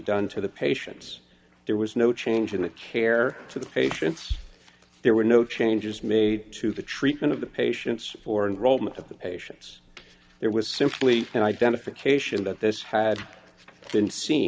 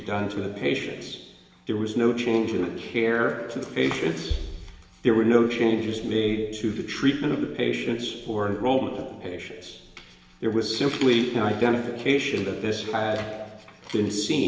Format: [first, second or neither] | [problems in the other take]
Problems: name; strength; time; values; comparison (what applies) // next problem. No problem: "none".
first | room echo; dies away in 1.3 s